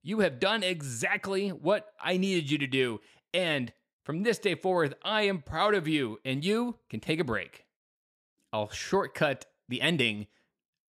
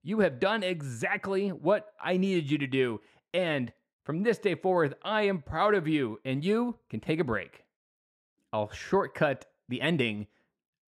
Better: first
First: none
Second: muffled; slightly; fading above 2.5 kHz

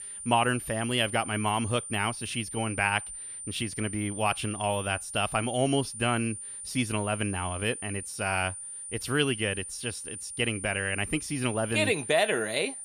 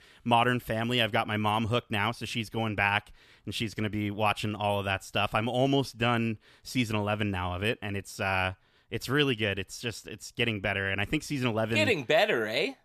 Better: second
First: high-pitched whine; loud; throughout; 9 kHz, 8 dB below the speech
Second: none

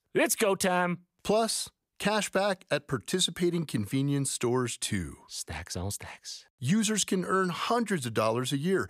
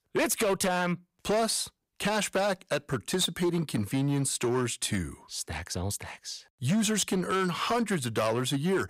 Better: first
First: none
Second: distortion; slight; 10% of the sound clipped

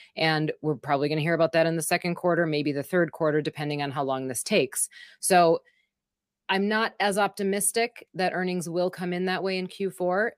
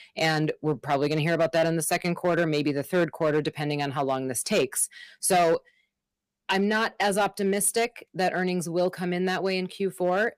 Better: first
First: none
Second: distortion; slight; 5% of the sound clipped

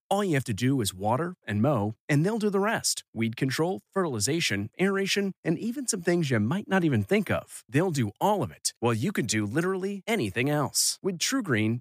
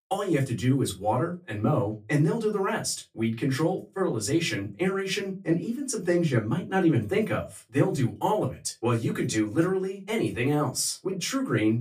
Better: first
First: none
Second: off-mic speech; far // room echo; very slight; dies away in 0.2 s

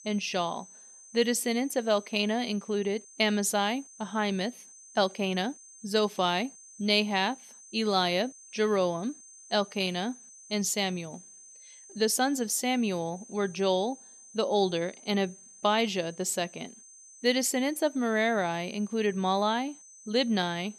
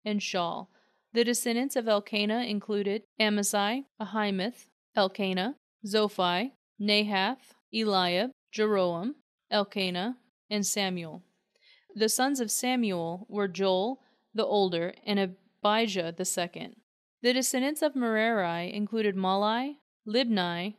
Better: second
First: high-pitched whine; noticeable; throughout; 6 kHz, 20 dB below the speech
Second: none

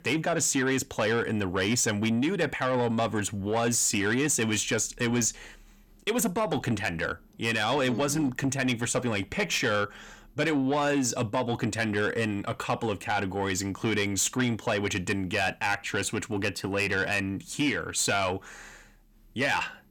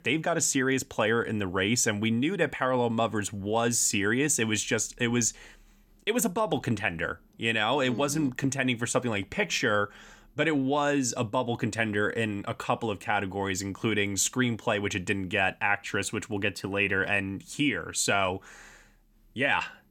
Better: second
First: distortion; slight; 10 dB below the speech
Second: none

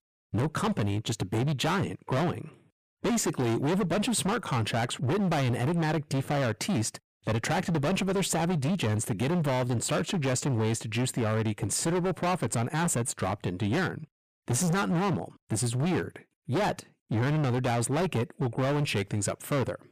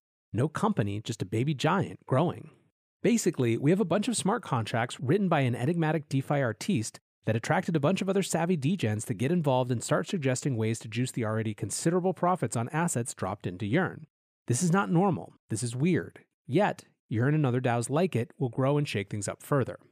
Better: second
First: distortion; heavy; 27% of the sound clipped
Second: none

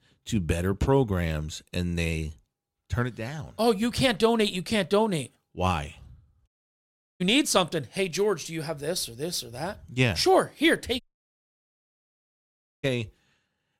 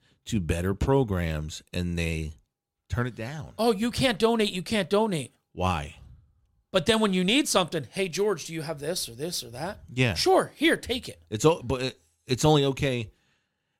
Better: second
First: audio cutting out; at 6.5 s for 0.5 s and at 11 s for 2 s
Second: none

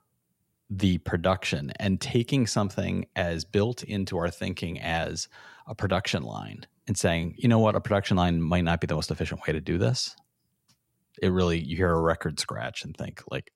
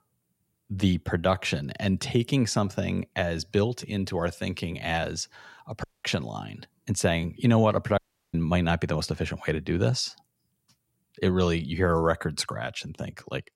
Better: first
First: none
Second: audio cutting out; at 6 s and at 8 s

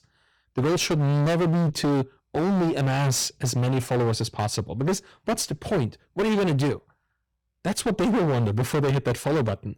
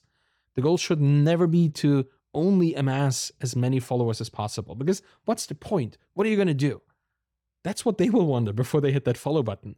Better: second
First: distortion; heavy; 28% of the sound clipped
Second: none

